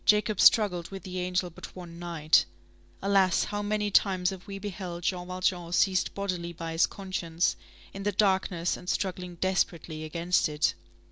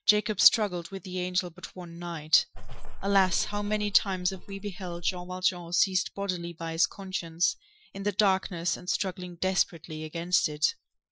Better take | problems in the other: first | noise reduction (classical method Wiener filter)

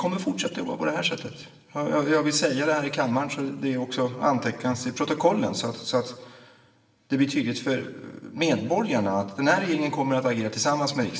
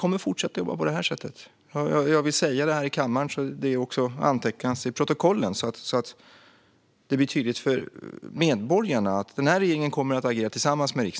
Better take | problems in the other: second | room echo; dies away in 1.1 s

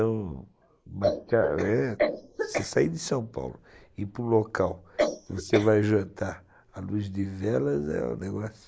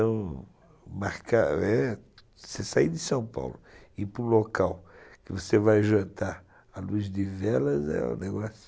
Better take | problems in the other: second | noise reduction (neural mask model Resemble Enhance denoiser)

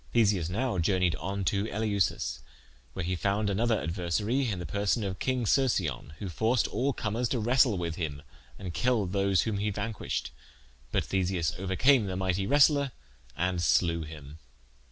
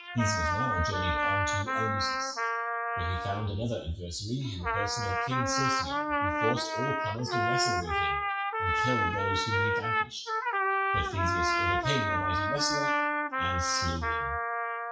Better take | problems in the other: first | noise reduction (classical method WPE with log-MMSE)

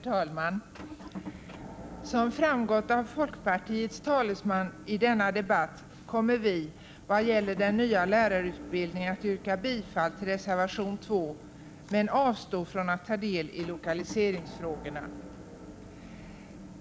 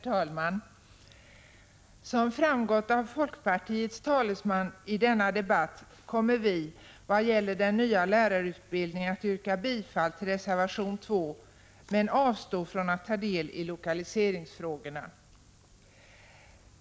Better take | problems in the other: second | background sound (Motor vehicle (road) / Engine); 15 dB below the speech

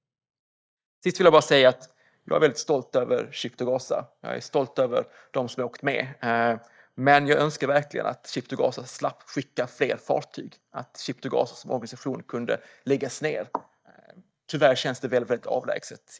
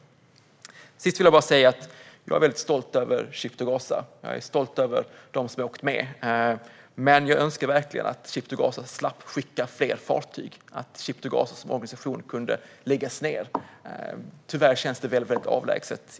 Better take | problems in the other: second | noise reduction (neural mask model DeepFilterNet 3)

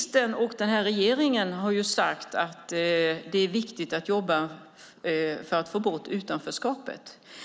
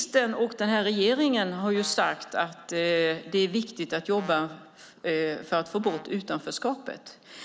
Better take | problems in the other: first | background sound (Brass instrument); 18 dB below the speech

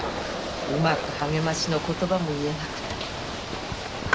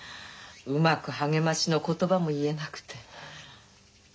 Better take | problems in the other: second | background sound (Skateboard + Ocean / Boat, Water vehicle); 2 dB below the speech

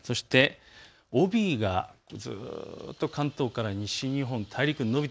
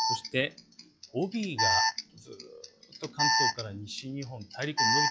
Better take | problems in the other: first | noise reduction (classical method log-MMSE)

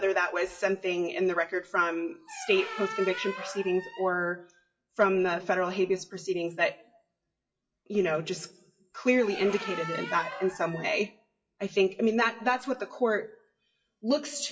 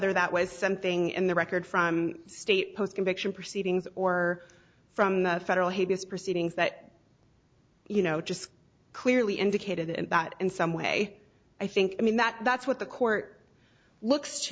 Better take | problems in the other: second | noise reduction (classical method WPE with log-MMSE)

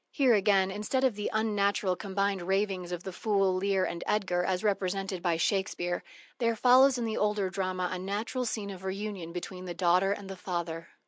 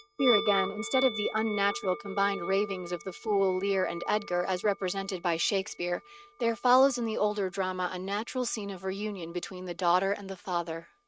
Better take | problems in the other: first | noise reduction (neural mask model RNNoise)

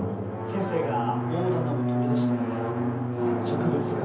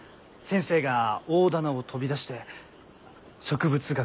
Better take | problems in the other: second | background sound (Drum); 4 dB above the speech // room echo; dies away in 0.7 s

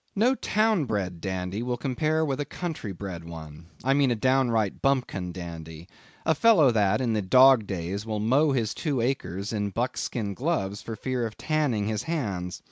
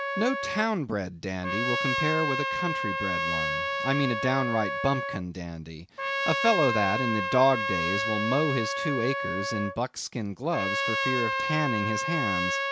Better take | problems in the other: first | background sound (Trumpet); 1 dB below the speech

